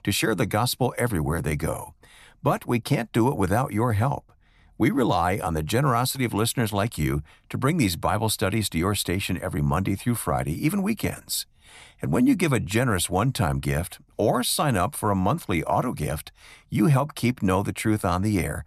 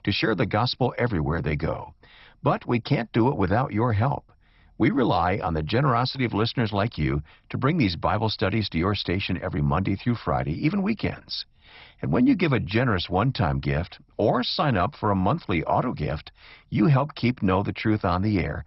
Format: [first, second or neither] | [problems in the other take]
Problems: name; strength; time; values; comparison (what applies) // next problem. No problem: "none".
first | garbled, watery; badly; nothing above 5.5 kHz